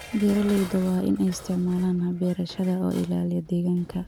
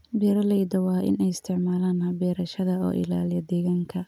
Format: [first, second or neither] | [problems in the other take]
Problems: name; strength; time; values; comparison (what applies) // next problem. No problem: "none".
second | background sound (Dishes, pots, and pans + Growling); 18 dB below the speech